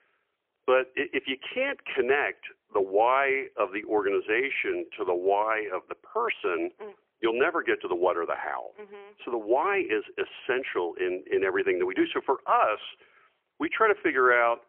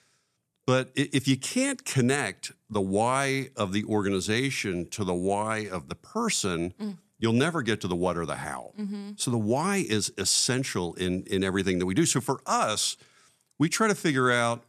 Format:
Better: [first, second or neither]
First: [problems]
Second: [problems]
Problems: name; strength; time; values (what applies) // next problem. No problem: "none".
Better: second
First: phone-call audio; poor line; nothing above 3 kHz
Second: none